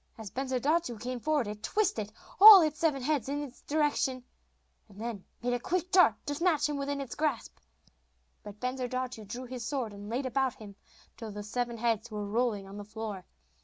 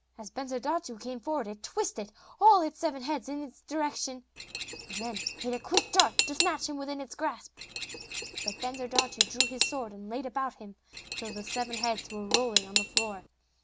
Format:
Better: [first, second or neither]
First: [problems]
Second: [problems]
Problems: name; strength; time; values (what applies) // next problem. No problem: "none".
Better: first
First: none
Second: background sound (Cutlery, silverware / Dishes, pots, and pans); 1 dB above the speech